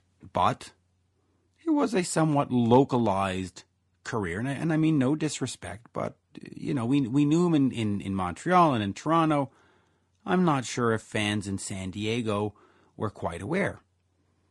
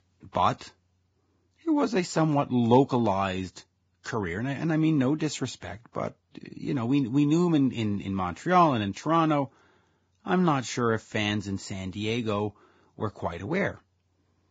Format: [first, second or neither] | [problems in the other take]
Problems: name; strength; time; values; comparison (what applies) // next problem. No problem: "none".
first | garbled, watery; badly; nothing above 7.5 kHz; slightly in the first